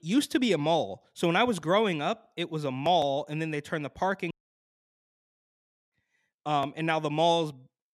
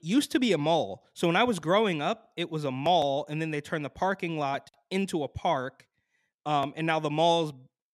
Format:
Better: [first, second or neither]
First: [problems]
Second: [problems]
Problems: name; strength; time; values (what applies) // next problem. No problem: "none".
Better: second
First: audio cutting out; at 4.5 s for 1.5 s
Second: none